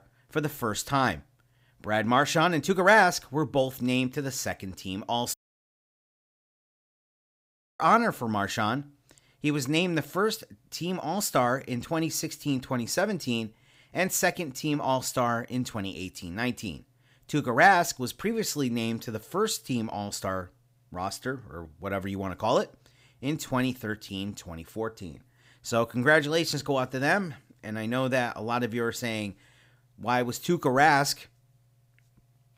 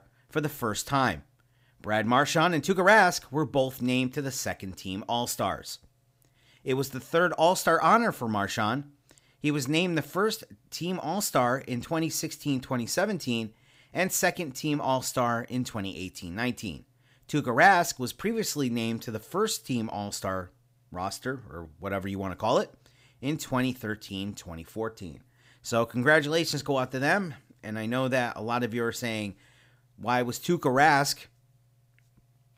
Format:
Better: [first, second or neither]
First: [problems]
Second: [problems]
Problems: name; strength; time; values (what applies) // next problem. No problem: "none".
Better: second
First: audio cutting out; at 5.5 s for 2.5 s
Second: none